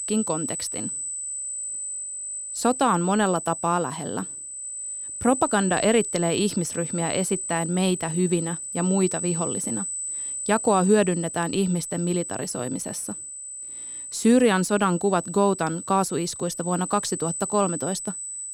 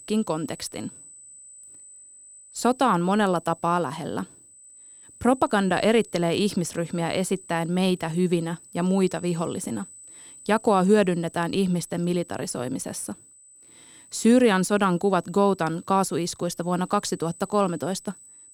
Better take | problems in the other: second | high-pitched whine; loud; throughout; 8 kHz, 6 dB below the speech; faint in the second

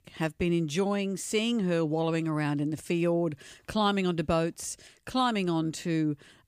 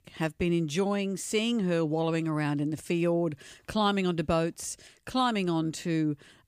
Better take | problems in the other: neither | none

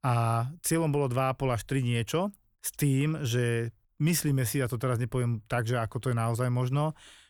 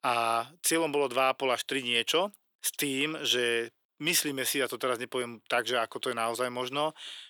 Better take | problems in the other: first | thin; very; fading below 350 Hz

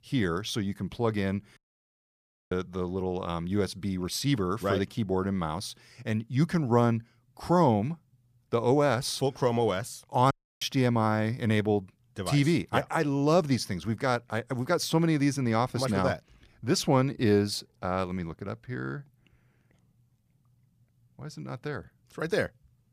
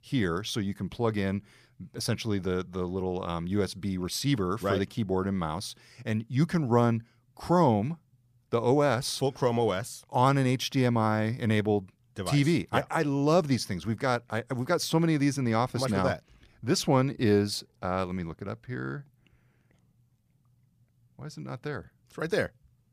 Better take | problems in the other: second | audio cutting out; at 1.5 s for 1 s and at 10 s

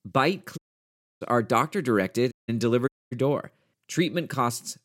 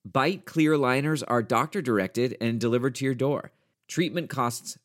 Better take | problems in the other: second | audio cutting out; at 0.5 s for 0.5 s, at 2.5 s and at 3 s

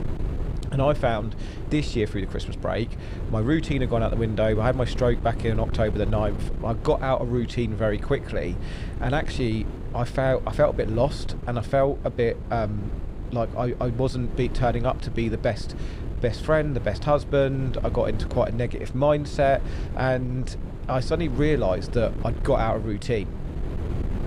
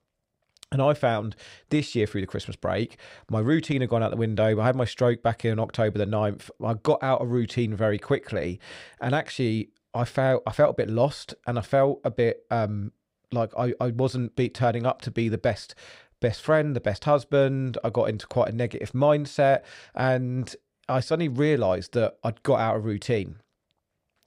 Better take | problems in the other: second | wind noise on the microphone; occasional gusts; 15 dB below the speech

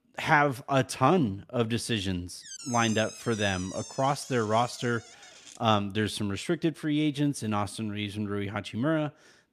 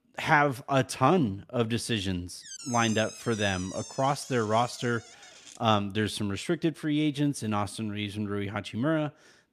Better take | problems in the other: neither | door banging; noticeable; from 2.5 to 5.5 s; peak 8 dB below the speech; the same in both

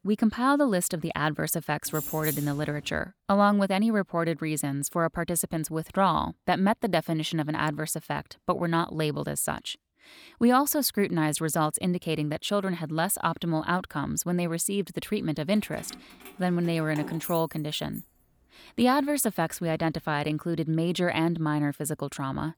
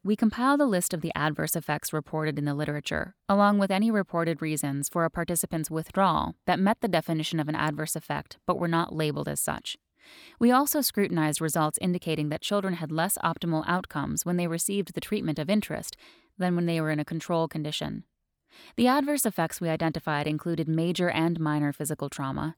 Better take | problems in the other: second | jangling keys; noticeable; at 2 s and from 16 to 20 s; peak 4 dB below the speech

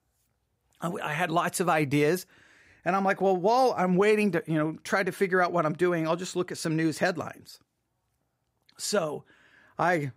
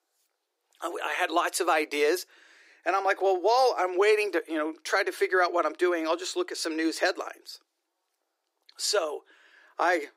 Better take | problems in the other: first | thin; very; fading below 300 Hz

